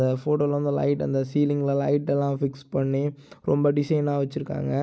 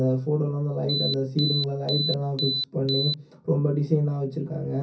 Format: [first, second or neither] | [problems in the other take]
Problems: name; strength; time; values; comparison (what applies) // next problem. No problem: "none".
first | background sound (Alarm); 4 dB below the speech // room echo; dies away in 0.3 s